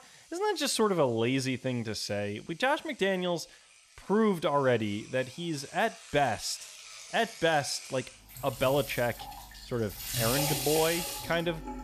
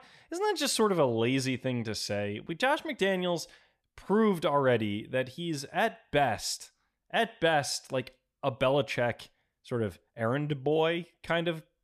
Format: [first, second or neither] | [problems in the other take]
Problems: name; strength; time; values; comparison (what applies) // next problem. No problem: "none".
second | household noises; loud; throughout; 7 dB below the speech